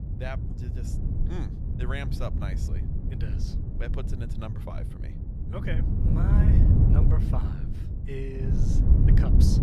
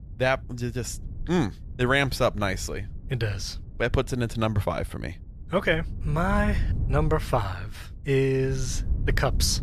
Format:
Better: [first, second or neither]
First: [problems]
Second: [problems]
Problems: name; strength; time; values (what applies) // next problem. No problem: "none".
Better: second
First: wind noise on the microphone; heavy; 2 dB above the speech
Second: wind noise on the microphone; occasional gusts; 20 dB below the speech